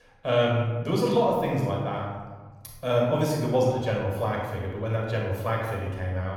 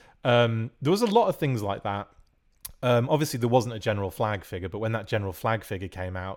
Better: second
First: off-mic speech; far // room echo; noticeable; dies away in 1.2 s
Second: none

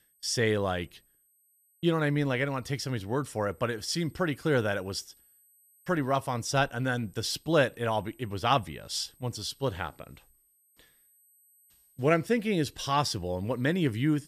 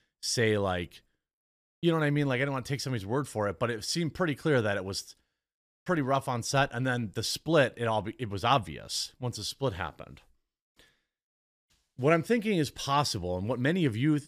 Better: second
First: high-pitched whine; faint; throughout; 12 kHz, 30 dB below the speech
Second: none

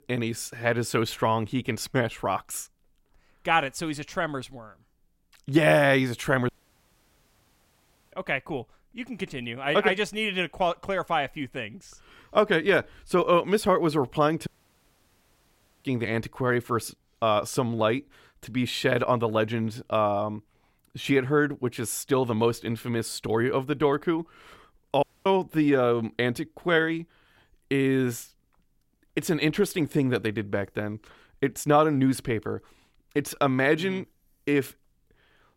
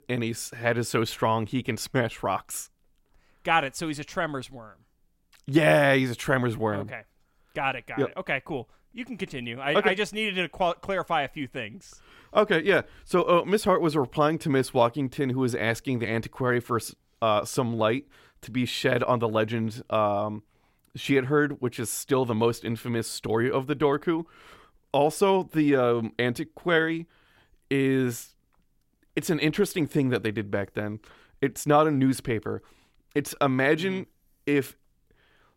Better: second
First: audio cutting out; at 6.5 s for 1.5 s, at 14 s for 1.5 s and at 25 s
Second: none

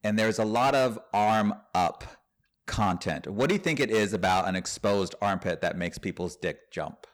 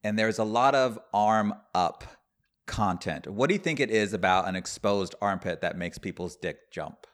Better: second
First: distortion; slight; 6% of the sound clipped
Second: none

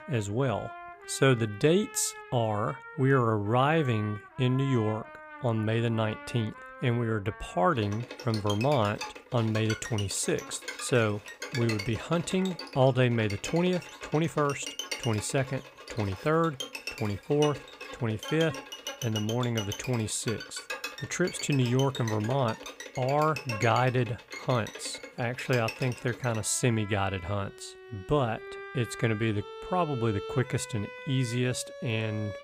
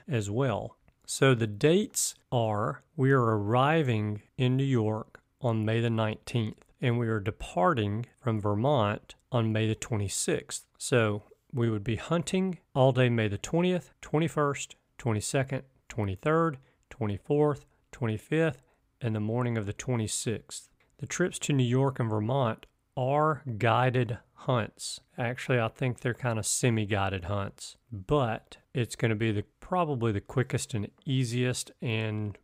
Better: second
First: background music; noticeable; throughout; 10 dB below the speech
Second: none

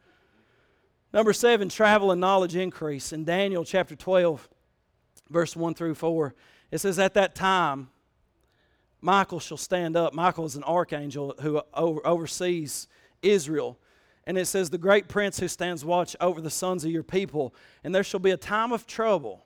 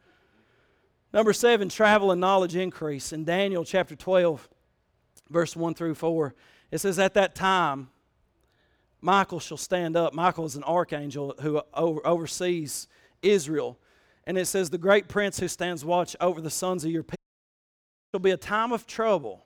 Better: first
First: none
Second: audio cutting out; at 17 s for 1 s

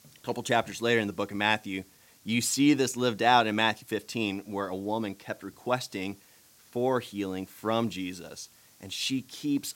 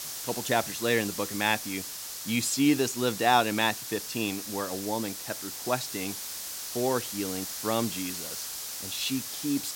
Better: first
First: hiss; faint; throughout; 30 dB below the speech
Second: hiss; loud; throughout; 5 dB below the speech

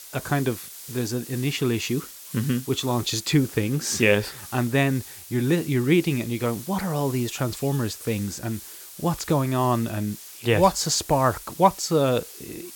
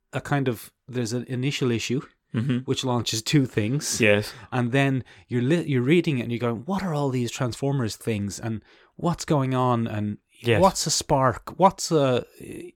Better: second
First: hiss; noticeable; throughout; 15 dB below the speech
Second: none

